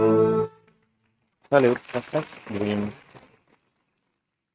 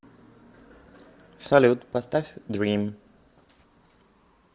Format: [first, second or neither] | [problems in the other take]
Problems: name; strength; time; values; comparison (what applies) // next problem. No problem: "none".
second | noise reduction (neural mask model RNNoise)